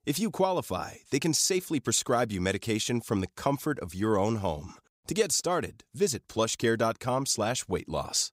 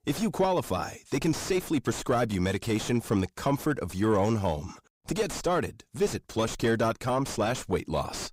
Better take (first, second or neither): first